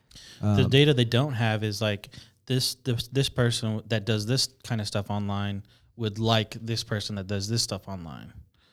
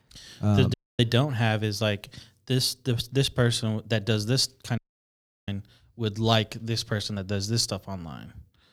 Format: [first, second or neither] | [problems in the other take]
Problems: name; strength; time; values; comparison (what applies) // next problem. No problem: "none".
first | audio cutting out; at 0.5 s and at 5 s for 0.5 s